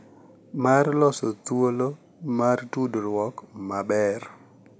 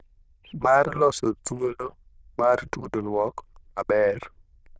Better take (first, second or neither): first